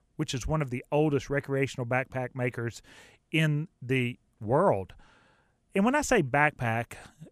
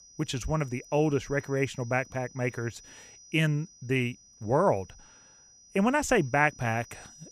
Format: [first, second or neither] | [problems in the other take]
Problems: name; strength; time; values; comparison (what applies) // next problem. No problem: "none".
first | high-pitched whine; faint; throughout; 6 kHz, 20 dB below the speech